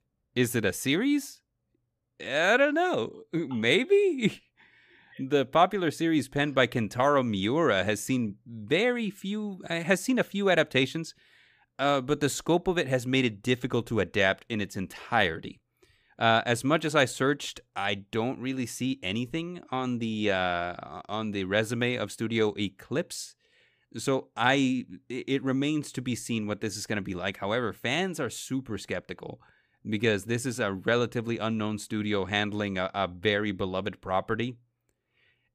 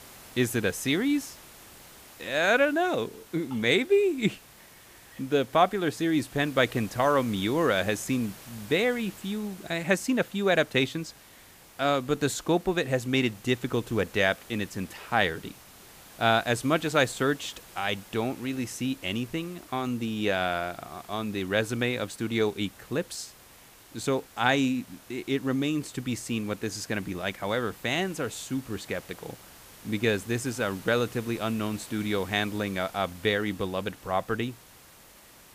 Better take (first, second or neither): first